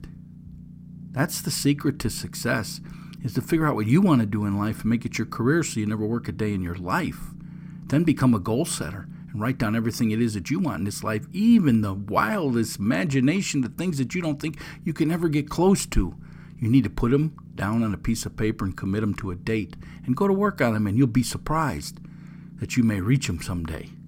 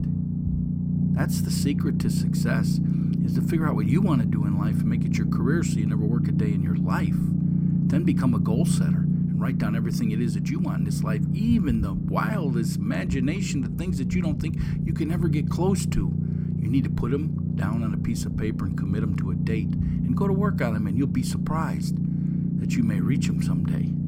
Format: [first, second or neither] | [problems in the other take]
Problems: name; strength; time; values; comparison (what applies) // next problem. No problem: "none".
first | low rumble; loud; throughout; 1 dB below the speech; faint in the first